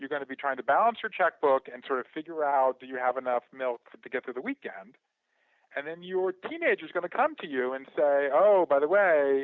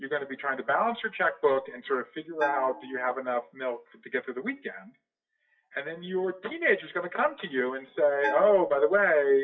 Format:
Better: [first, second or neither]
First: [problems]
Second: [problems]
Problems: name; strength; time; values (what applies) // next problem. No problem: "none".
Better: first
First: none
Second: noise reduction (classical method WPE with log-MMSE)